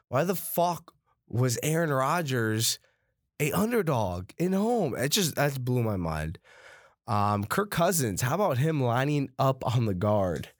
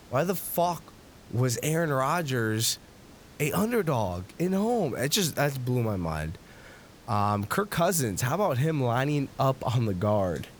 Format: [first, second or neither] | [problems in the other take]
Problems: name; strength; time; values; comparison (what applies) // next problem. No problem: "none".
first | hiss; faint; throughout; 25 dB below the speech